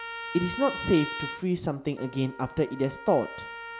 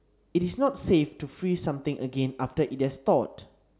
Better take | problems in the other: second | background sound (Trumpet); 11 dB below the speech

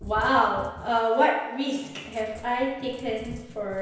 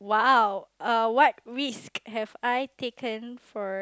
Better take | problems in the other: second | background sound (Cat); 17 dB below the speech // room echo; dies away in 0.9 s

